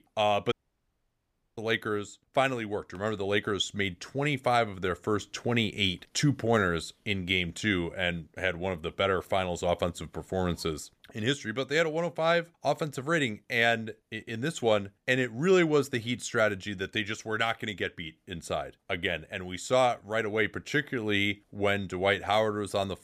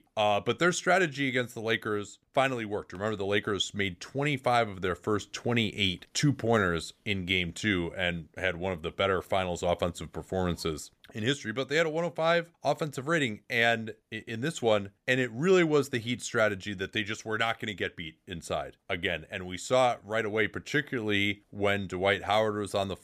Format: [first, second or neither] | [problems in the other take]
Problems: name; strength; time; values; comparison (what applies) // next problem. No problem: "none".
second | audio cutting out; at 0.5 s for 1 s